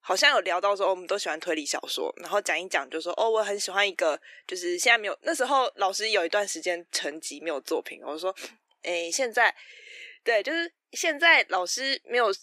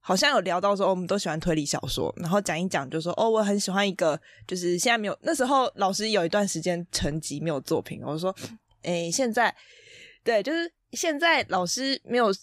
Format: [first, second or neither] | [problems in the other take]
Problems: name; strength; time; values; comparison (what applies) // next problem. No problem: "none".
second | thin; very; fading below 350 Hz